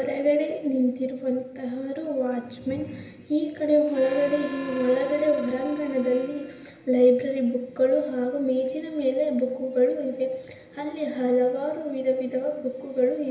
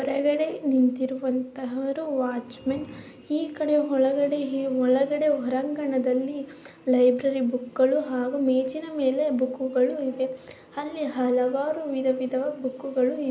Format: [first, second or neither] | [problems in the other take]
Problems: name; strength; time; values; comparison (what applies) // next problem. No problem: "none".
second | background sound (Harmonica); 16 dB below the speech // room echo; dies away in 1 s